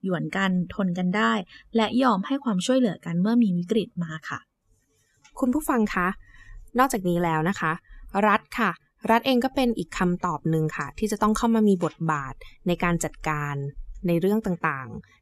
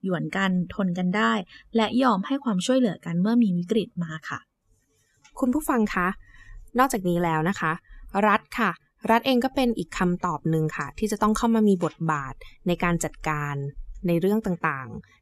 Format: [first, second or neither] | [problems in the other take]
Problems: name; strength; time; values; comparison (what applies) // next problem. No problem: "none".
neither | none